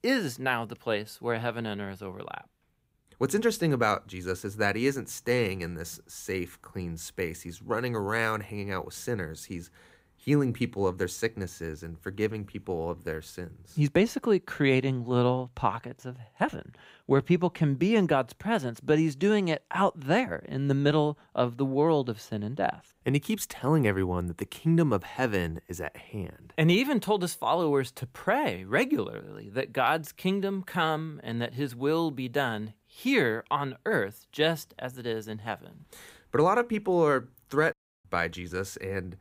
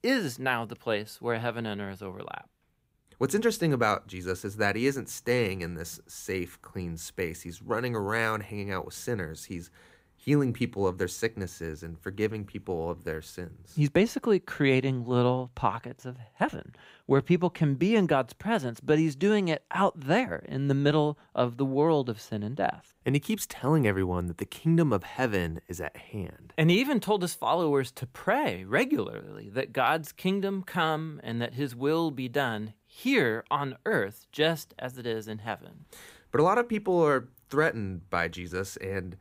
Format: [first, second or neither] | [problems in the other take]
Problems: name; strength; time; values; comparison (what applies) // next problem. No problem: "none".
second | audio cutting out; at 38 s